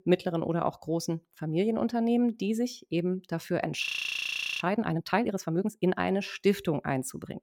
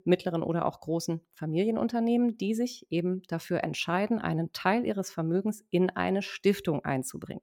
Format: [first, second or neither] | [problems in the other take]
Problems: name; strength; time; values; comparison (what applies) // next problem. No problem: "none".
second | audio freezing; at 4 s for 0.5 s